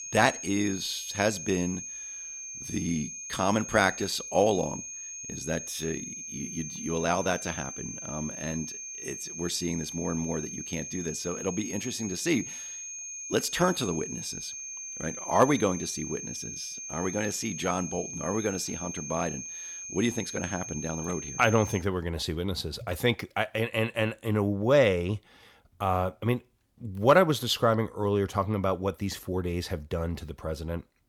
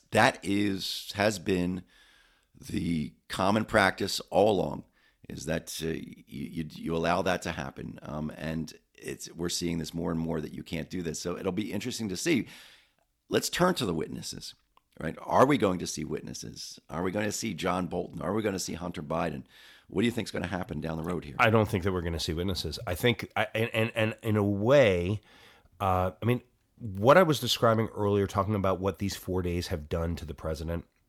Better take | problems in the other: second | high-pitched whine; loud; until 22 s; 6.5 kHz, 7 dB below the speech

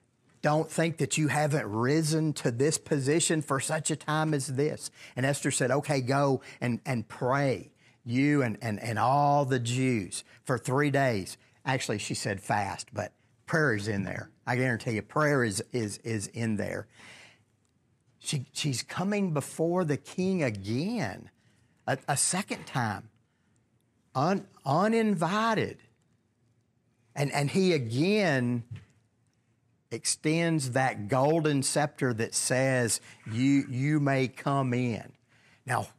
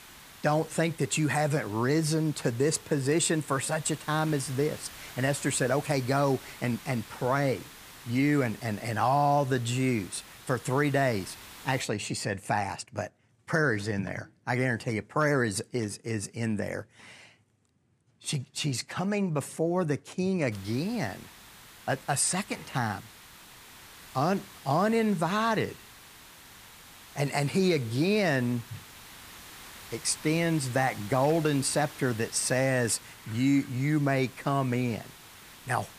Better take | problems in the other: first | hiss; noticeable; until 12 s and from 21 s on; 20 dB below the speech

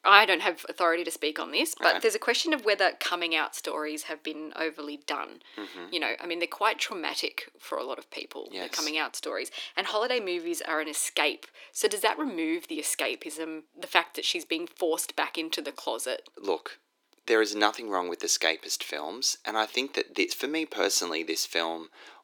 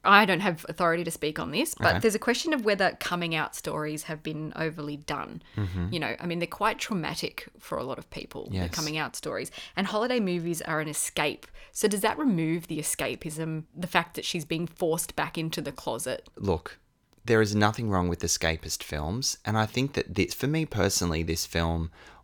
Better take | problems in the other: second | thin; somewhat; fading below 300 Hz

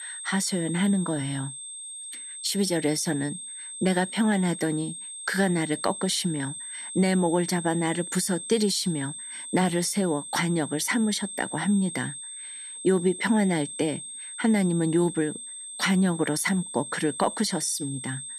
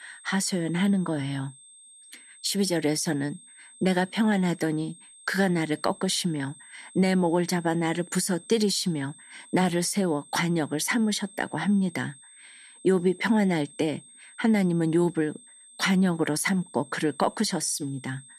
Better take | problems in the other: second | high-pitched whine; loud; throughout; 8.5 kHz, 9 dB below the speech; faint in the second

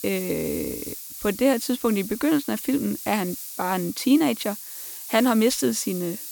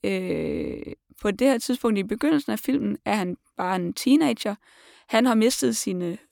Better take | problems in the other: second | hiss; loud; throughout; 10 dB below the speech

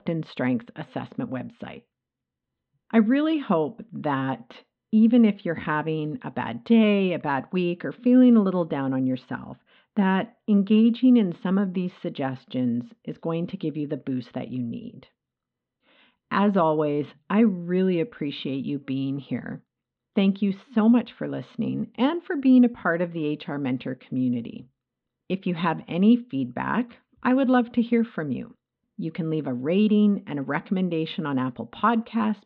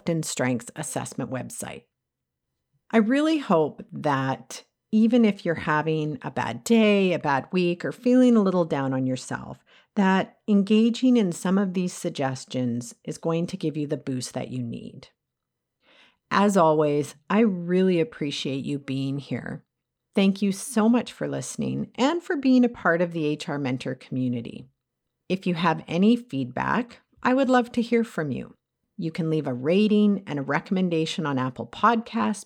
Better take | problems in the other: second | muffled; slightly; fading above 3.5 kHz

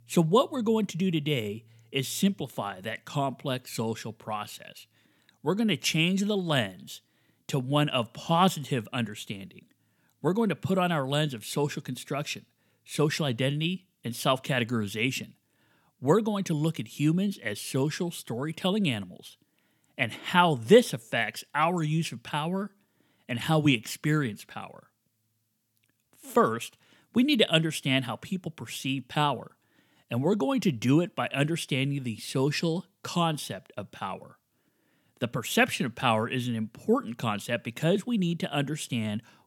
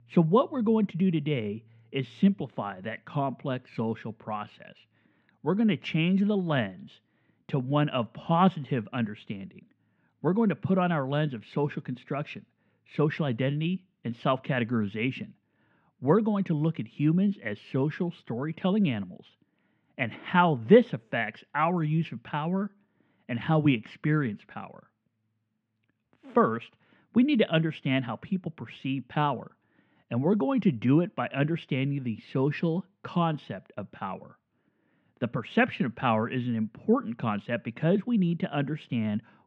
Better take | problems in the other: first | muffled; very; fading above 2.5 kHz

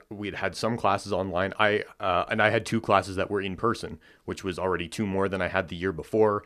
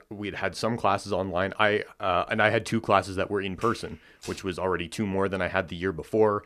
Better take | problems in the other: first | footsteps; faint; at 3.5 s; peak 15 dB below the speech

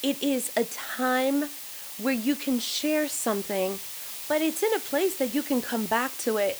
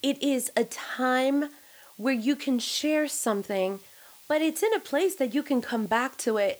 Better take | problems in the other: second | hiss; loud; throughout; 8 dB below the speech; faint in the second

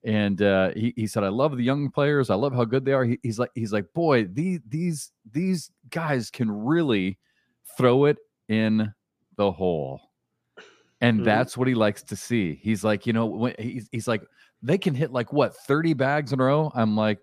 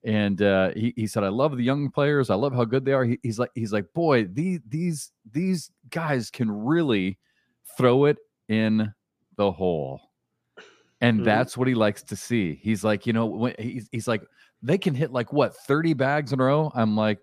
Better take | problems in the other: neither | none

